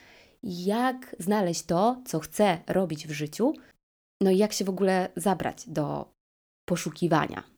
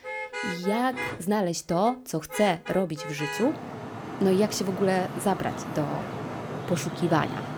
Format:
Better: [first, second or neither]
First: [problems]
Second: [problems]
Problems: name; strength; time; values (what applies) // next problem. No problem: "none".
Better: first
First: none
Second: traffic noise; loud; throughout; 8 dB below the speech